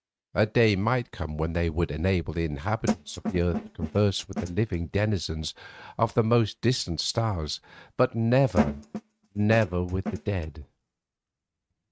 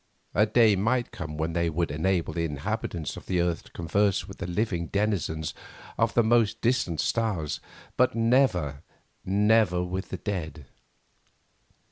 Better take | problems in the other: second | noise reduction (neural mask model RNNoise)

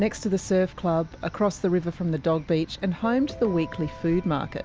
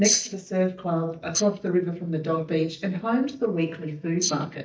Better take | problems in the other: first | noise reduction (neural mask model DeepFilterNet 3)

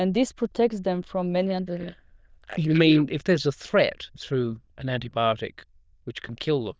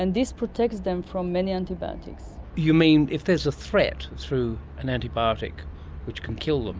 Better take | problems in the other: second | noise reduction (neural diffusion model UNIVERSE++)

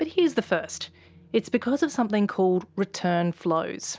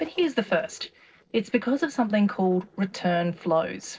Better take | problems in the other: first | noise reduction (neural separator model SepFormer DNS4)

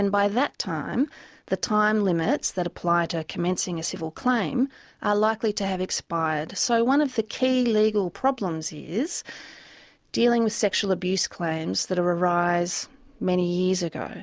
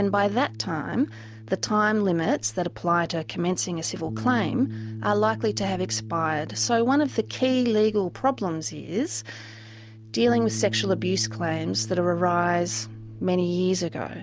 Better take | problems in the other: first | background sound (Bass guitar); 12 dB below the speech

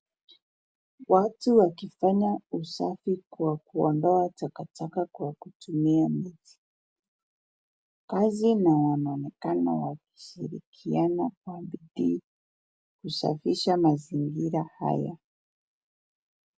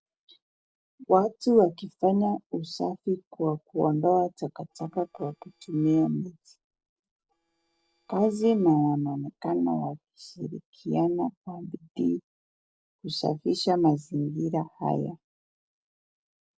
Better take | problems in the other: first | noise reduction (neural separator model SepFormer DNS4)

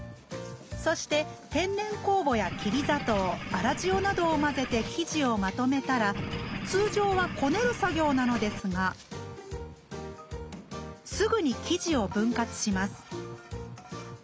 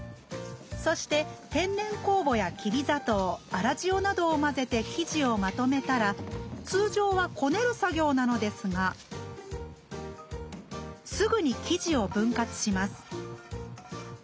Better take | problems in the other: second | background sound (Engine / Boat, Water vehicle); 7 dB below the speech

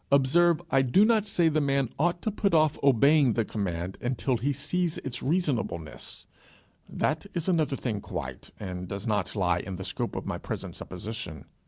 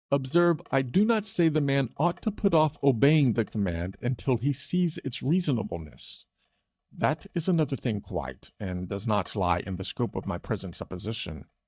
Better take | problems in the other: first | noise reduction (neural mask model DeepFilterNet 3)

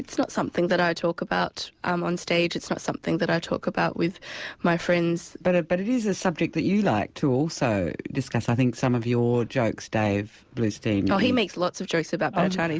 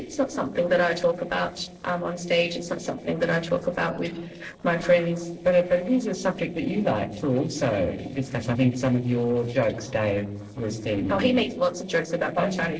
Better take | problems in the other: first | noise reduction (neural separator model SepFormer DNS4)

